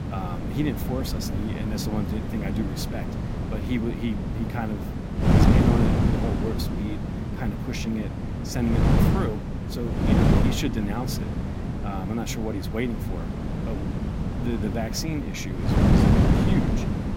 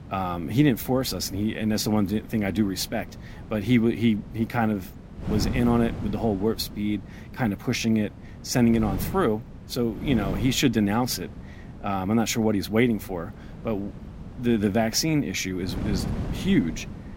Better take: second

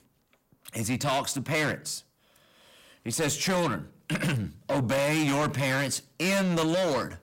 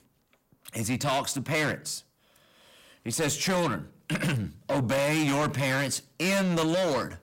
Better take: neither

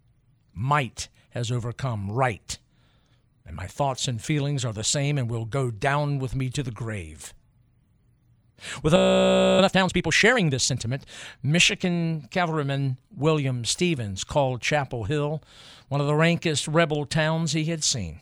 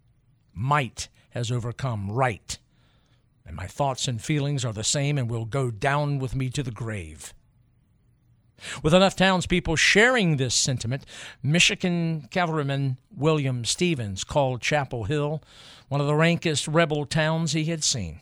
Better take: second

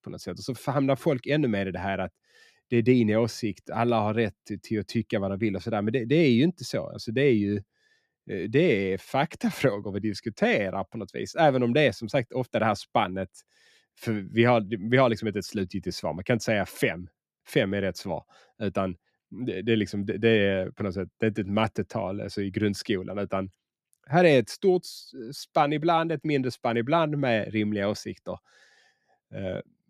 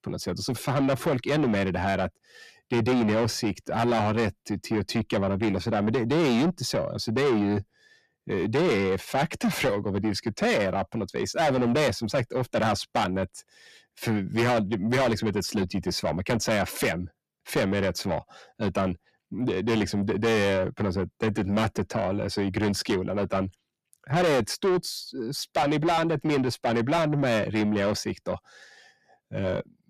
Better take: first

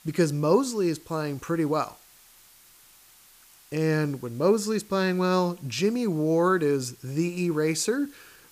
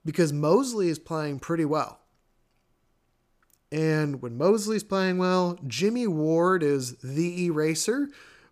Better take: second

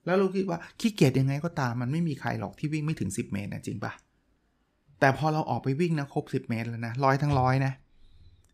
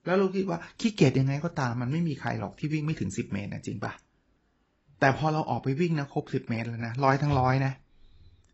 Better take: first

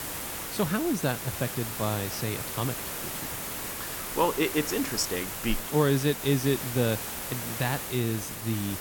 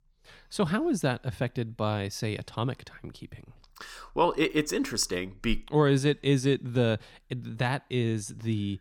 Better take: second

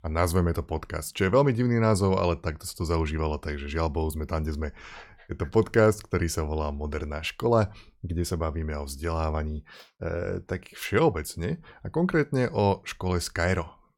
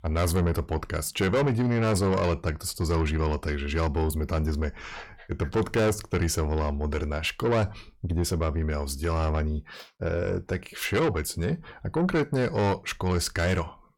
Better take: first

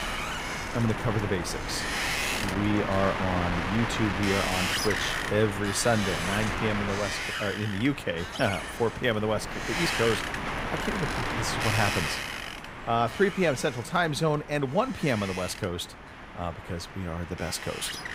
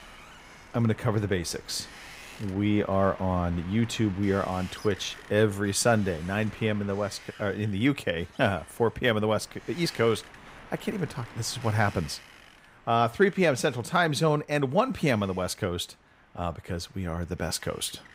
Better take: second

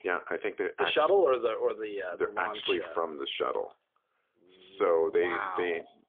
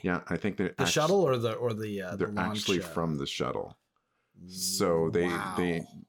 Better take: second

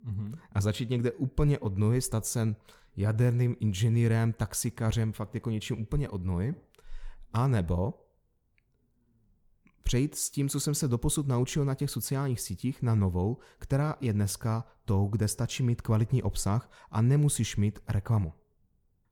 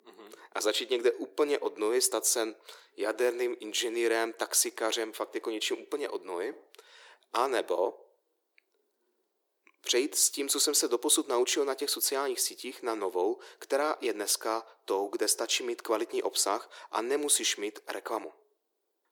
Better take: first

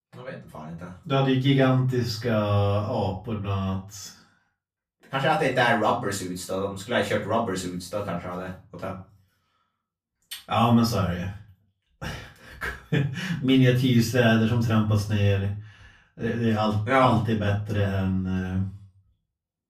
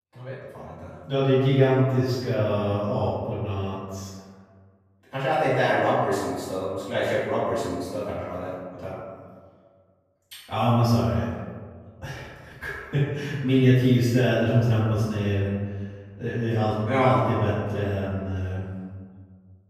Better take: first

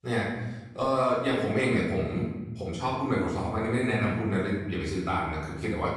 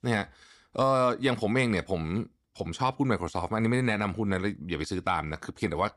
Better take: second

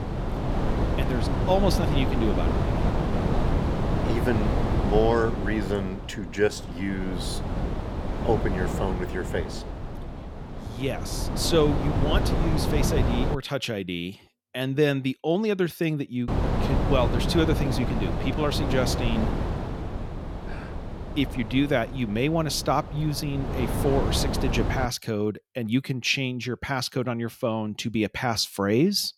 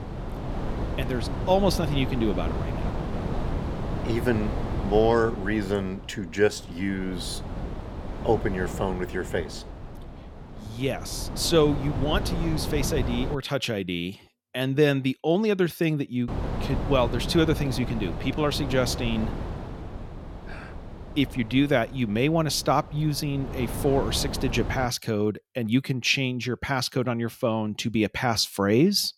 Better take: second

